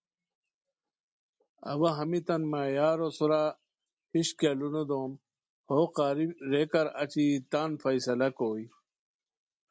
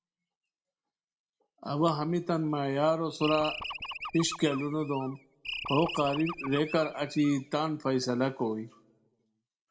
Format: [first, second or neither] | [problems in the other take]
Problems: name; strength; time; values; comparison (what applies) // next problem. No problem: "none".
first | background sound (Animal); 9 dB below the speech // room echo; dies away in 0.4 s